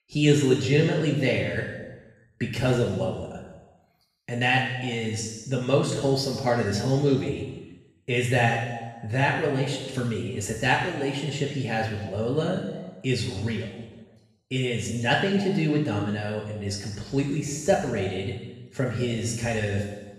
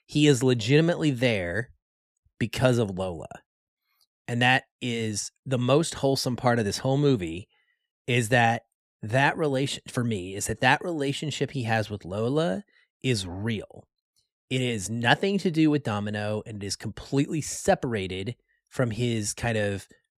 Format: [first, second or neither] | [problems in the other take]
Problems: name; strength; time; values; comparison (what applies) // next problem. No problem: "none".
second | room echo; noticeable; dies away in 1.2 s // off-mic speech; far